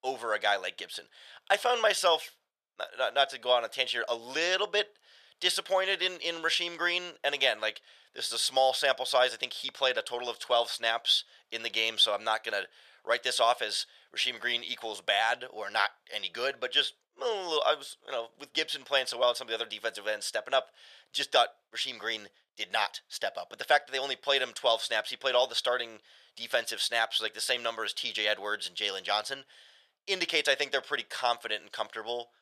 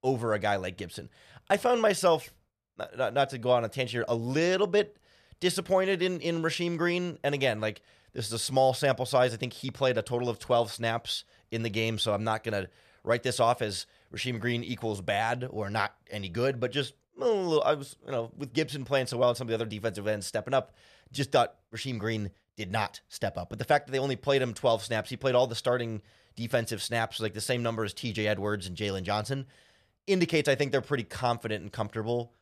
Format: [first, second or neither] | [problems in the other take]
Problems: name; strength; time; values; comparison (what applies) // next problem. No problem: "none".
second | thin; very; fading below 700 Hz